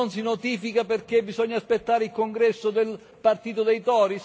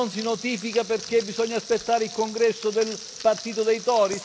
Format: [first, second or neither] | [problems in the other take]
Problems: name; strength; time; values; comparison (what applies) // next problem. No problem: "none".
first | background sound (Frying (food)); 14 dB below the speech